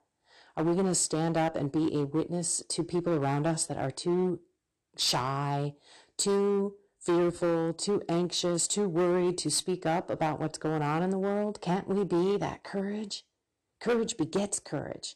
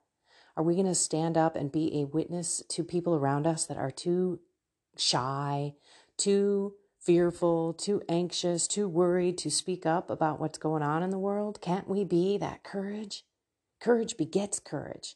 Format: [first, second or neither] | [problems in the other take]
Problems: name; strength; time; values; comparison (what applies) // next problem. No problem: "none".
second | distortion; slight; 9% of the sound clipped